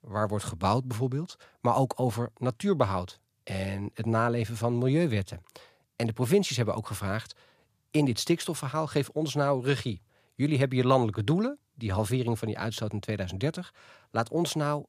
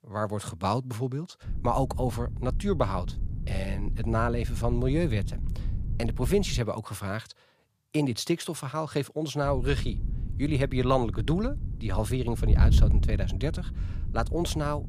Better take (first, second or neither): first